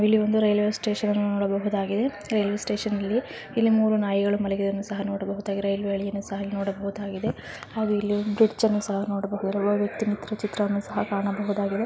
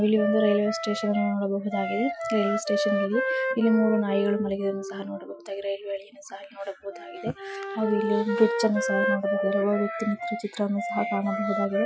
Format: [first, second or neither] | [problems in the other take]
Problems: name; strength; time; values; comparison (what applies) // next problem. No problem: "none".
first | noise reduction (classical method Wiener filter)